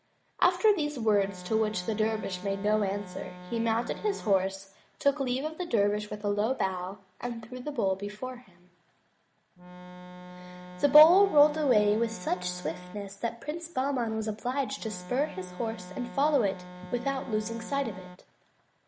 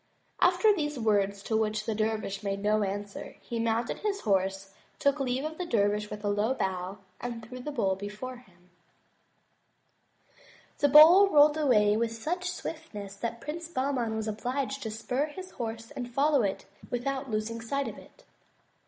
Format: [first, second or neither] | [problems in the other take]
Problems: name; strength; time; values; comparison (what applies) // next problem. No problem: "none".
second | background sound (Organ); 14 dB below the speech